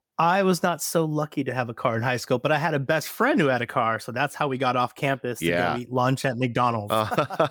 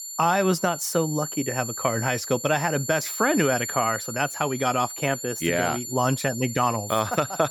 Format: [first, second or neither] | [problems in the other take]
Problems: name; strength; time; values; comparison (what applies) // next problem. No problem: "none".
first | high-pitched whine; loud; throughout; 7 kHz, 7 dB below the speech